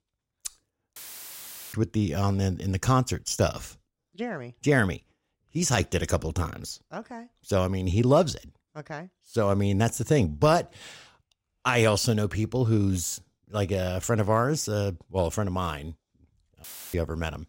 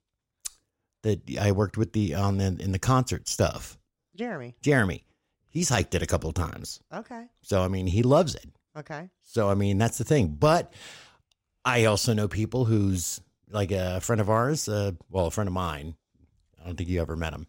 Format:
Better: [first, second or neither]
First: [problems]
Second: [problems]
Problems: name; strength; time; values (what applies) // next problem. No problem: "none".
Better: second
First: audio cutting out; filled with static; at 1 s for 1 s and at 17 s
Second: none